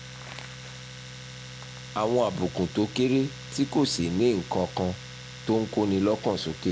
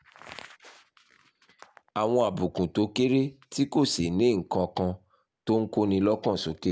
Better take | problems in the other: second | background sound (Domestic sounds, home sounds); 14 dB below the speech

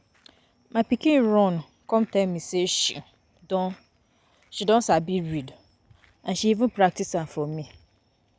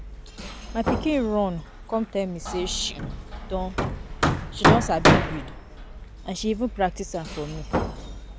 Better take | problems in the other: first | background sound (Hammer); 2 dB above the speech

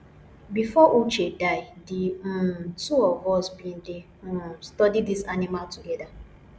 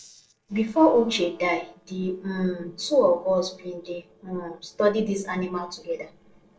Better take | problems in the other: first | noise reduction (neural separator model SepFormer DNS4)

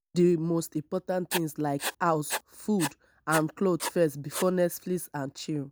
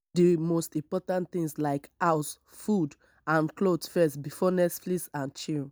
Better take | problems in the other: second | background sound (Writing); 9 dB below the speech

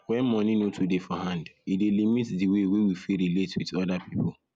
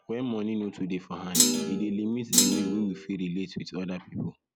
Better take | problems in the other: first | background sound (Thump, thud); 5 dB above the speech

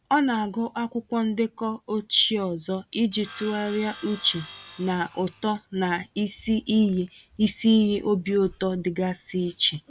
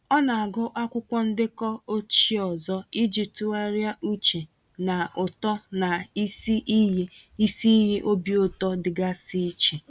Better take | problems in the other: second | background sound (Sawing); 18 dB below the speech

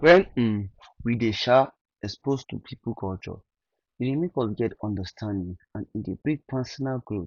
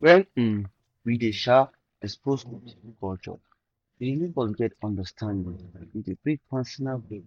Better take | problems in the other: first | noise reduction (neural mask model DeepFilterNet 3)

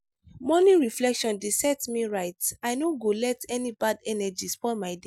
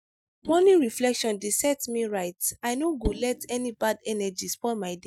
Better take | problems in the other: first | noise reduction (neural mask model DeepFilterNet 3)

